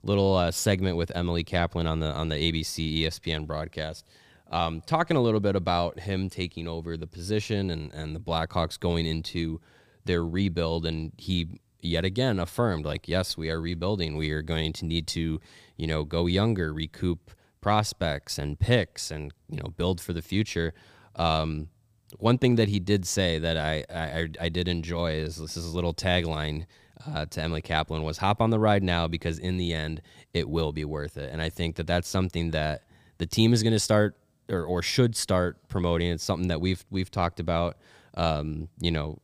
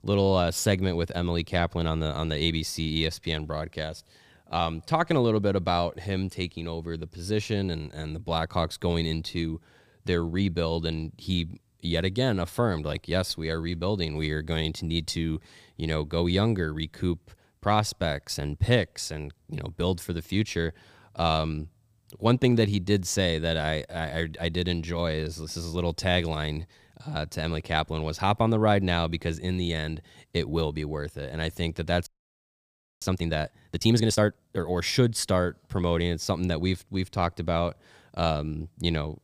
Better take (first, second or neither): first